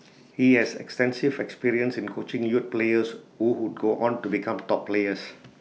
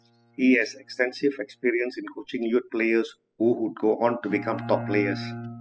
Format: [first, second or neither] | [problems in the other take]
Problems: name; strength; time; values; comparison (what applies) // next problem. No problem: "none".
first | noise reduction (classical method spectral subtraction)